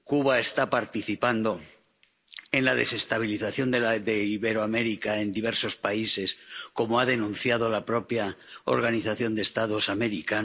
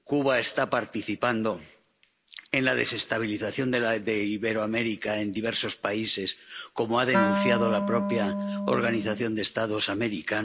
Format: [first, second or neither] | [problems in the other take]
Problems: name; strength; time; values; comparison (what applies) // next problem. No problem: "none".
first | background sound (Wind instrument, woodwind instrument); 1 dB below the speech